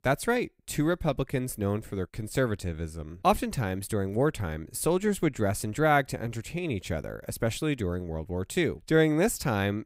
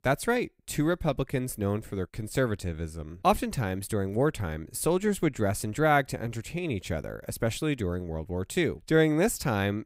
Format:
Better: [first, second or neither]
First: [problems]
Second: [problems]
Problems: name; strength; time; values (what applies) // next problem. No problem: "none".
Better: neither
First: none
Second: none